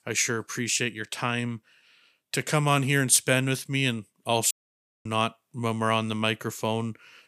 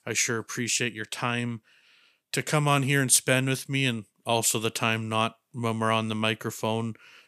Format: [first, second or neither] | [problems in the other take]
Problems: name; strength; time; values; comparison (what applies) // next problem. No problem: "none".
second | audio cutting out; at 4.5 s for 0.5 s